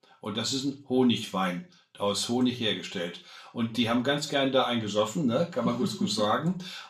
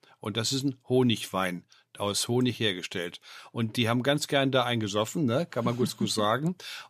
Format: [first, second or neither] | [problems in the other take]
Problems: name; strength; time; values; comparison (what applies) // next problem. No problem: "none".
second | room echo; slight; dies away in 0.3 s // off-mic speech; far